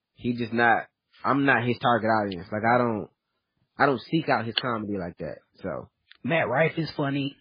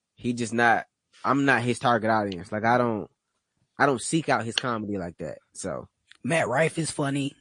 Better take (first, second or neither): second